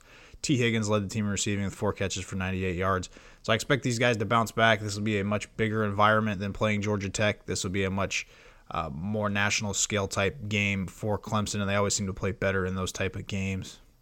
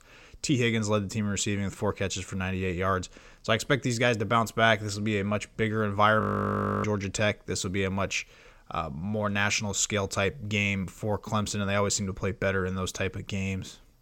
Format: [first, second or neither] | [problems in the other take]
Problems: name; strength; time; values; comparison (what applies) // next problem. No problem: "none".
first | audio freezing; at 6 s for 0.5 s